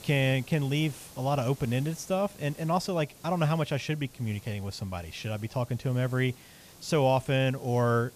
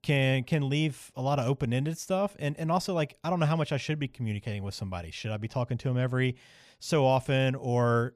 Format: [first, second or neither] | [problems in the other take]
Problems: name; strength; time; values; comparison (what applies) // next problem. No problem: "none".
second | hiss; faint; throughout; 20 dB below the speech